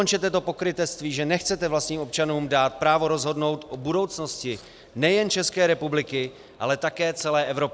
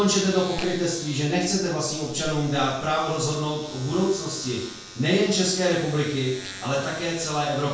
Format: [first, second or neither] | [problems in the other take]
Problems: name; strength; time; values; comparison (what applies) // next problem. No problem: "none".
first | background sound (Domestic sounds, home sounds); 15 dB below the speech // room echo; dies away in 0.6 s